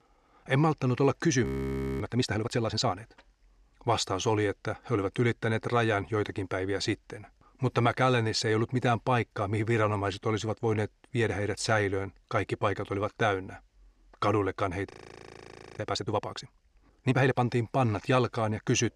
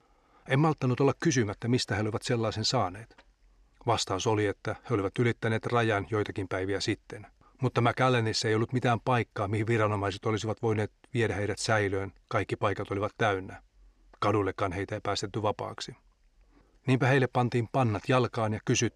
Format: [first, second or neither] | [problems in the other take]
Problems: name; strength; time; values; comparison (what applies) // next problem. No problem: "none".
second | audio freezing; at 1.5 s for 0.5 s and at 15 s for 1 s